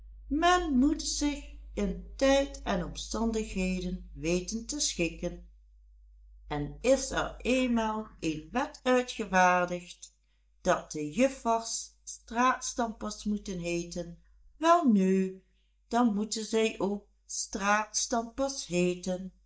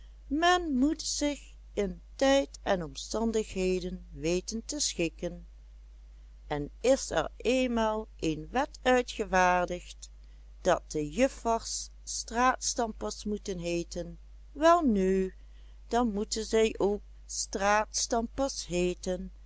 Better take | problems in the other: second | noise reduction (neural mask model DeepFilterNet 3)

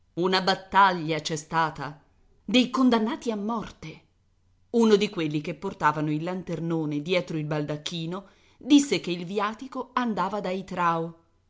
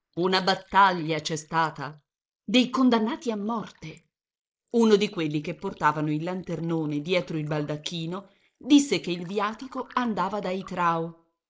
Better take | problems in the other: first | noise reduction (neural mask model Resemble Enhance denoiser)

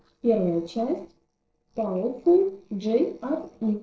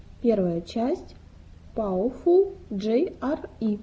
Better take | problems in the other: second | noise reduction (neural separator model SepFormer DNS4)

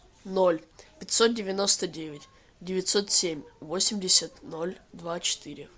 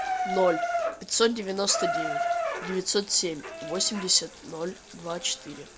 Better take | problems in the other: first | background sound (Bathtub (filling or washing) / Water tap, faucet); 4 dB below the speech

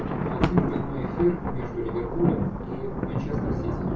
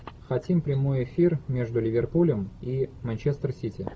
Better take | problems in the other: second | background sound (Thunder); 1 dB above the speech // room echo; dies away in 0.2 s

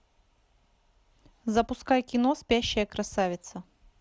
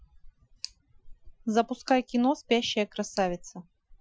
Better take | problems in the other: first | noise reduction (classical method Wiener filter)

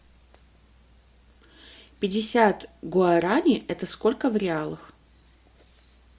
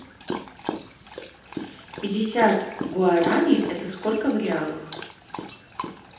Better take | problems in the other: first | background sound (Dog); 10 dB below the speech // room echo; dies away in 0.8 s

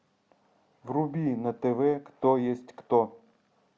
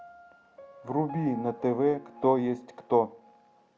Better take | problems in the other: first | background sound (Piano); 18 dB below the speech

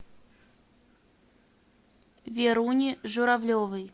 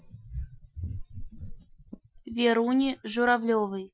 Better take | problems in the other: first | noise reduction (classical method Wiener filter)

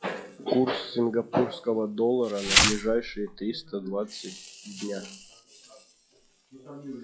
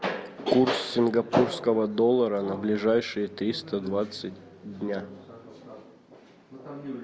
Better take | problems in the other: second | noise reduction (classical method log-MMSE)

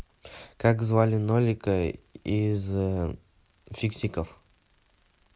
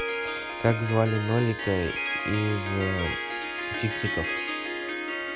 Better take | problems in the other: first | background sound (Harp); 3 dB below the speech

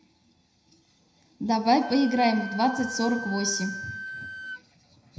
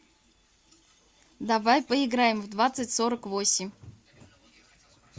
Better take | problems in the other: second | background sound (Wind instrument, woodwind instrument); 12 dB below the speech // room echo; dies away in 0.8 s

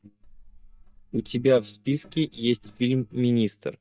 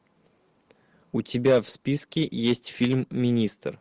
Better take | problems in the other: second | noise reduction (neural mask model DeepFilterNet 3)

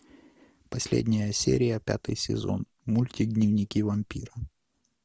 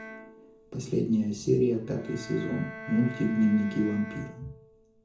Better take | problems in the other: first | background sound (Bowed string instrument); 16 dB below the speech // room echo; dies away in 0.6 s

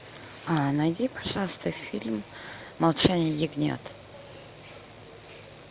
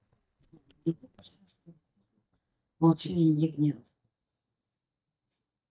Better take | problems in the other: first | noise reduction (neural mask model DeepFilterNet 3)

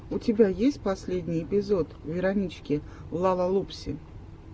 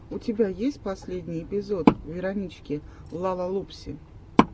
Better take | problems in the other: first | background sound (Wood); 1 dB above the speech

